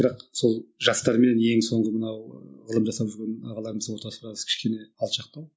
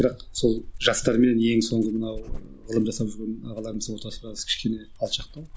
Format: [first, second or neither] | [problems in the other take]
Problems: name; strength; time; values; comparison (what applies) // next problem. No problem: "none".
first | background sound (Dog); 12 dB below the speech